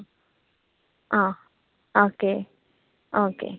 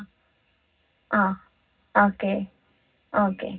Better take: first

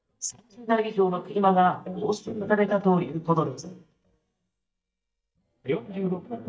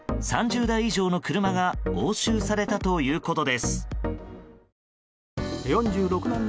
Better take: second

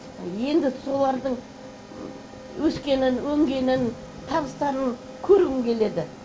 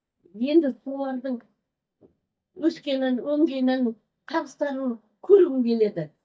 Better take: first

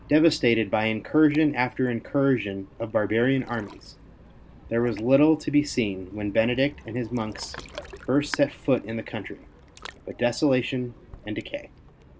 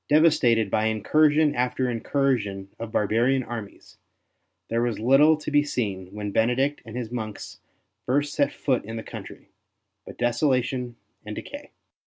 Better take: second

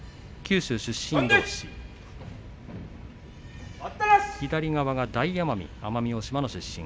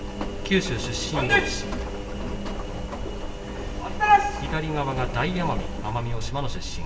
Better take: first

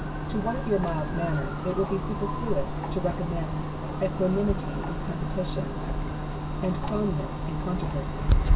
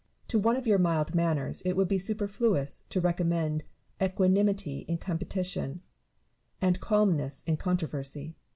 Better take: second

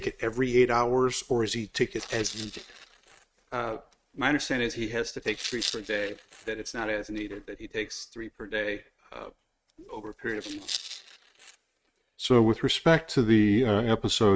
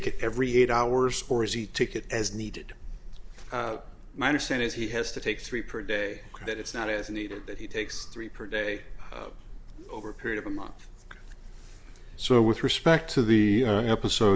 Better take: second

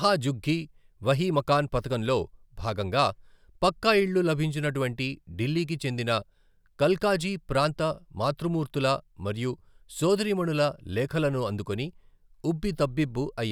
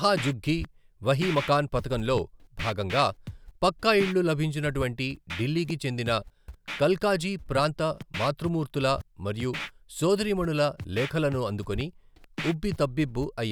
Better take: first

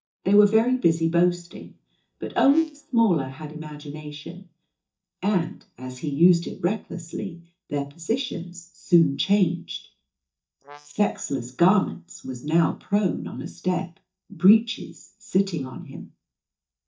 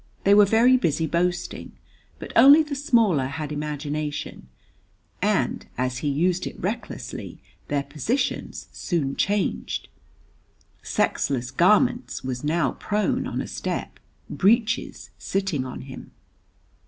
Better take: second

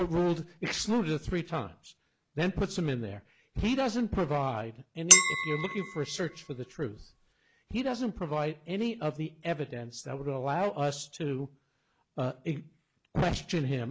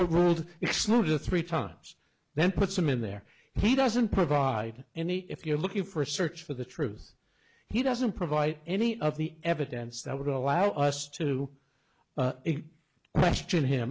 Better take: second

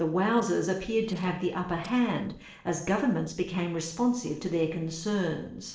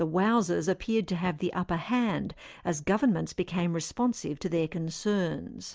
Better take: second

